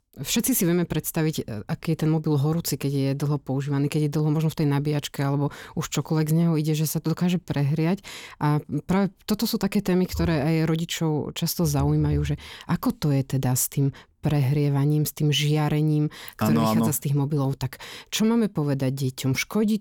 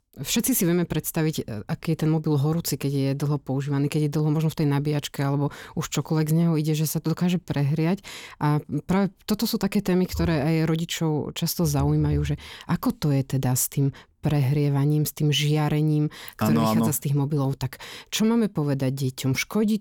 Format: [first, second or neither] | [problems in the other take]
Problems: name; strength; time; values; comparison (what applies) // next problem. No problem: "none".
neither | none